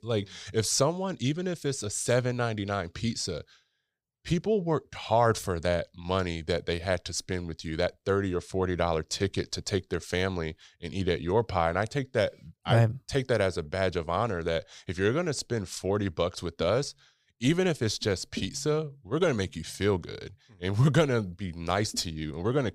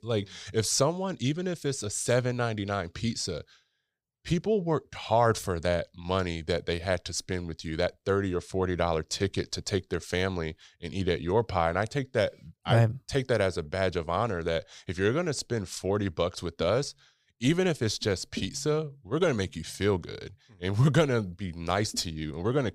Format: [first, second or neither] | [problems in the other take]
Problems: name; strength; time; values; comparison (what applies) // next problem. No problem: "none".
neither | none